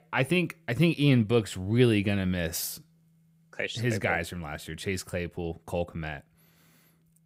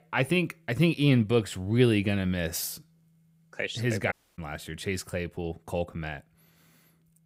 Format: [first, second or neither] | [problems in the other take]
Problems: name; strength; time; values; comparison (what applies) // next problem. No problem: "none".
first | audio cutting out; at 4 s